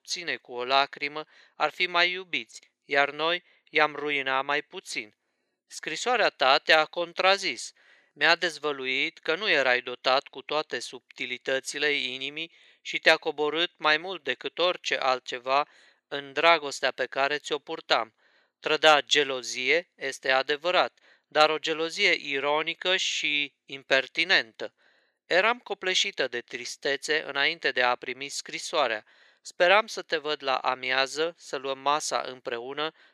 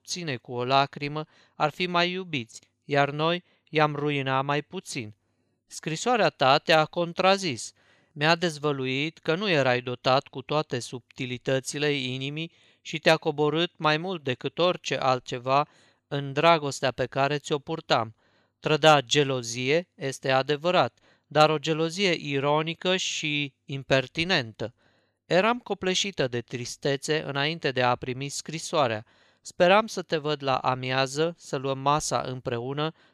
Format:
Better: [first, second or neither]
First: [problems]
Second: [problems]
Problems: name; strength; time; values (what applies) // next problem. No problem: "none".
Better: second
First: thin; somewhat; fading below 400 Hz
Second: none